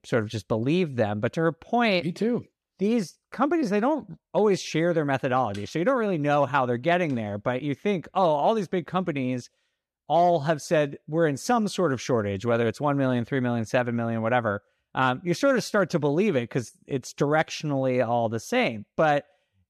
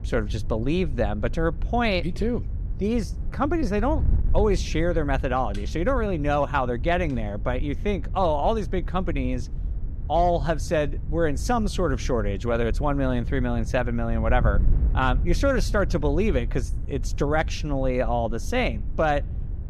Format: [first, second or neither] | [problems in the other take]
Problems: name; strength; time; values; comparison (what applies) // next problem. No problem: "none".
first | wind noise on the microphone; occasional gusts; 20 dB below the speech